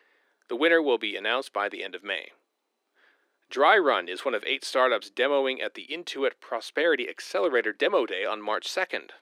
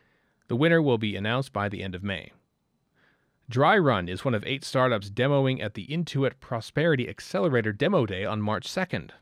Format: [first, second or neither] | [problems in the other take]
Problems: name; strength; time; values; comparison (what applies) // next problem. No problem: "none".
second | thin; very; fading below 300 Hz